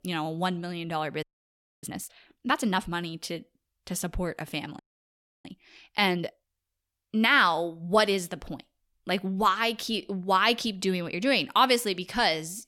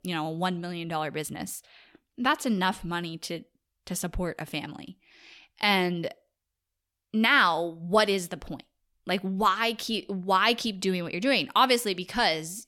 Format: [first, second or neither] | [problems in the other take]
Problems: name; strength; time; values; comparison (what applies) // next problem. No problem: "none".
second | audio freezing; at 1 s for 0.5 s and at 5 s for 0.5 s